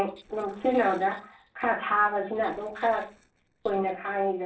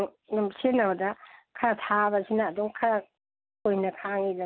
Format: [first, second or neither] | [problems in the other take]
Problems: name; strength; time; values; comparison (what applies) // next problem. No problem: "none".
second | noise reduction (neural separator model SepFormer DNS4)